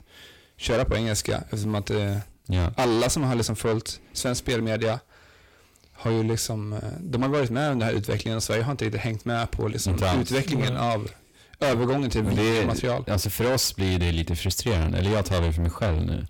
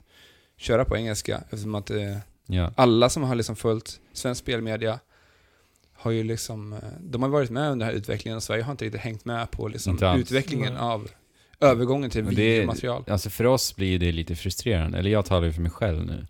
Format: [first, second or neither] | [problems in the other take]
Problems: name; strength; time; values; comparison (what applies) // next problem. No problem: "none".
second | distortion; heavy; 6 dB below the speech